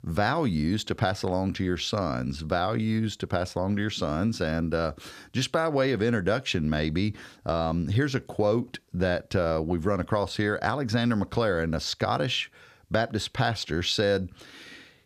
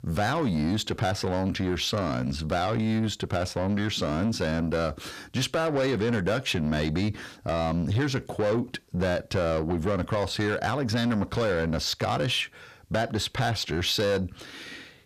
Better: first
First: none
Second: distortion; slight; 10 dB below the speech

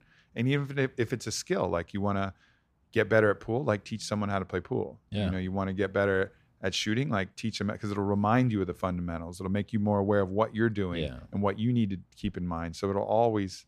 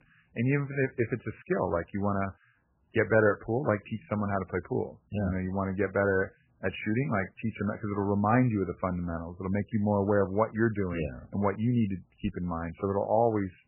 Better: first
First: none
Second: garbled, watery; badly; nothing above 3 kHz

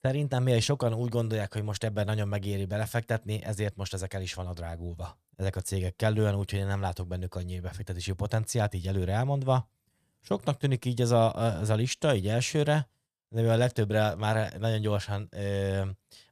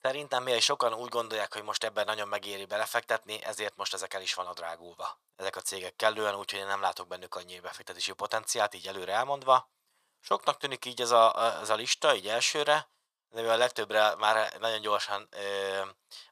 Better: first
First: none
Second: thin; very; fading below 700 Hz

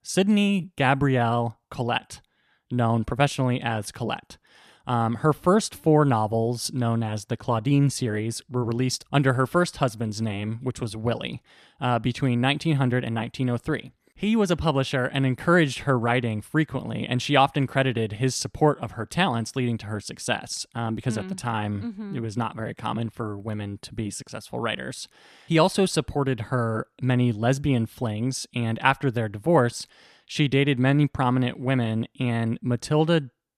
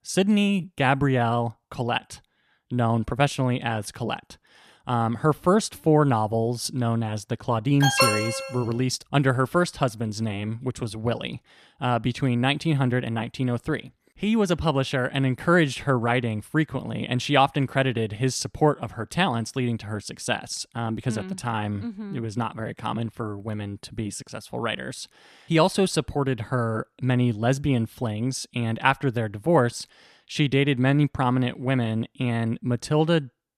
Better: first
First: none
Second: alarm; loud; at 8 s; peak 5 dB above the speech

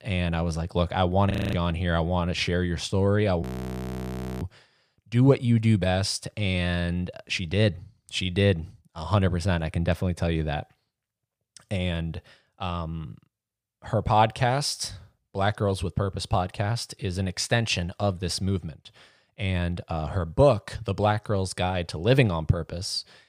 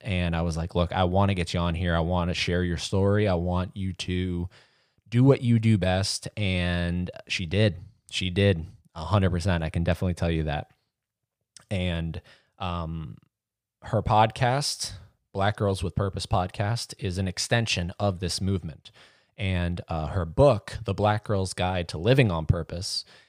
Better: second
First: audio freezing; at 1.5 s and at 3.5 s for 1 s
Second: none

